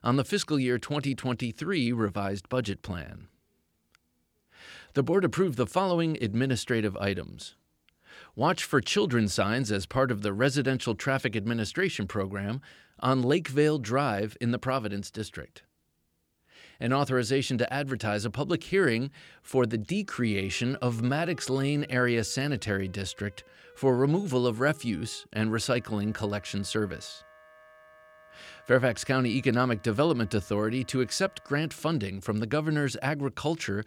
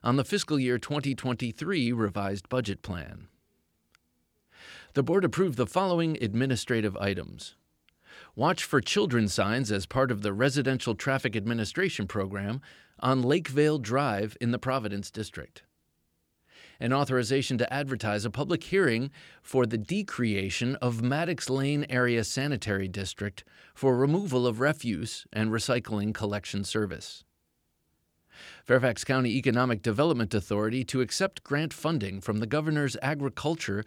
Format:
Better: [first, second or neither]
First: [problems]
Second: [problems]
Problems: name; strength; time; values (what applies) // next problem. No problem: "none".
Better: second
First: background music; faint; from 20 s on; 25 dB below the speech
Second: none